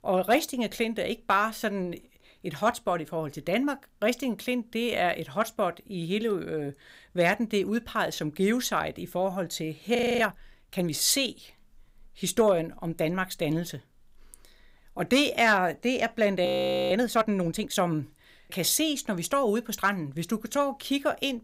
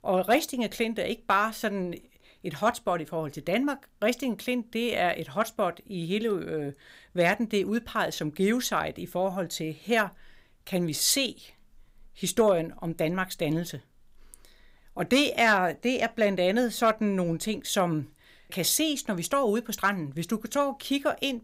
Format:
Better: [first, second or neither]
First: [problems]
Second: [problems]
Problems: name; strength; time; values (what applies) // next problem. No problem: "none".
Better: second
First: audio freezing; at 10 s and at 16 s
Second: none